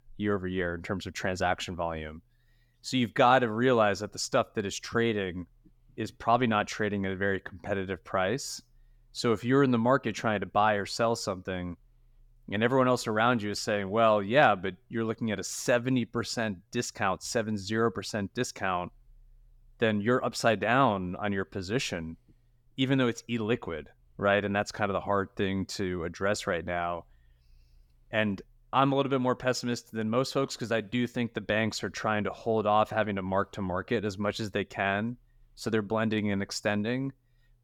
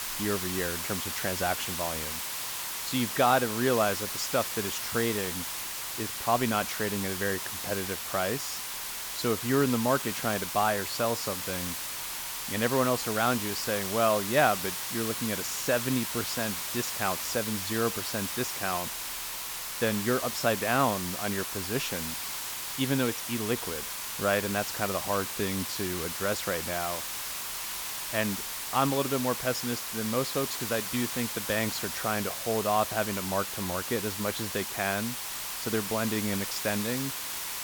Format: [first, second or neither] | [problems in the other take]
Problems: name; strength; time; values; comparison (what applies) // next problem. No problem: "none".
first | hiss; loud; throughout; 2 dB below the speech